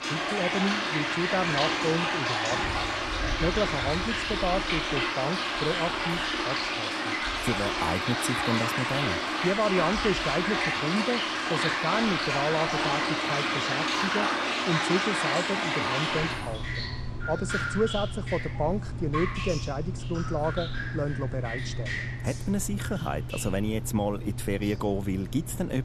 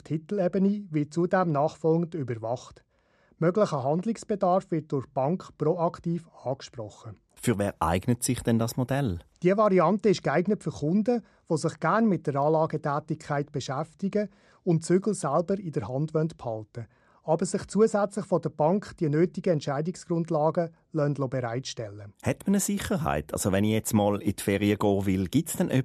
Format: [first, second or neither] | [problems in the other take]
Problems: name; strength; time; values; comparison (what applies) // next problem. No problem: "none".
second | rain or running water; very loud; throughout; 2 dB above the speech